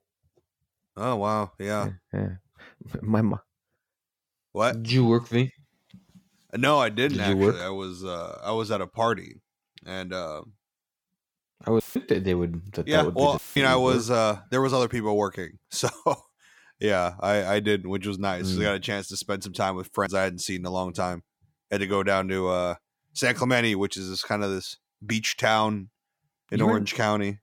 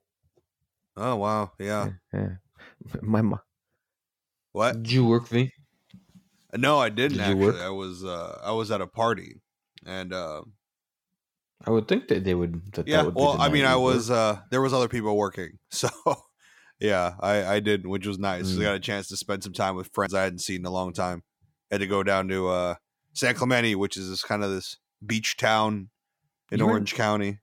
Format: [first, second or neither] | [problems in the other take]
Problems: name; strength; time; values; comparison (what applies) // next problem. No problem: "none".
second | audio cutting out; filled with static; at 12 s and at 13 s